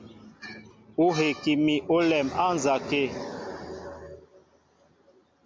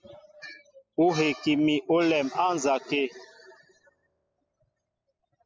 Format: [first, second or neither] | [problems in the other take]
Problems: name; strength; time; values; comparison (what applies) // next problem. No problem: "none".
first | noise reduction (classical method spectral subtraction)